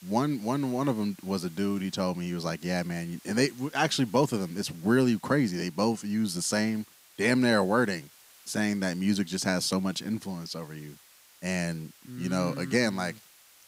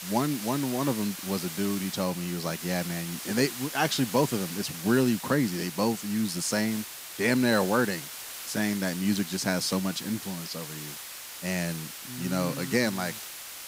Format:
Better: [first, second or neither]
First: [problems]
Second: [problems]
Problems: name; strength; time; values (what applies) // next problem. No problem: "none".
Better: first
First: hiss; faint; throughout; 25 dB below the speech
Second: hiss; loud; throughout; 8 dB below the speech